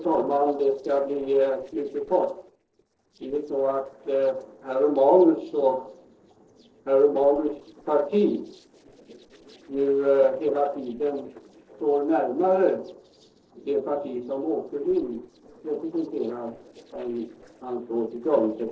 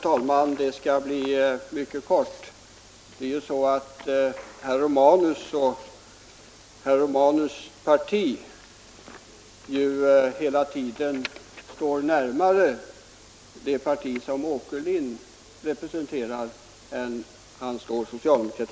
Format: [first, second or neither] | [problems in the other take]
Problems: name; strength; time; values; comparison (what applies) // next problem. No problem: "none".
second | noise reduction (neural separator model SepFormer DNS4)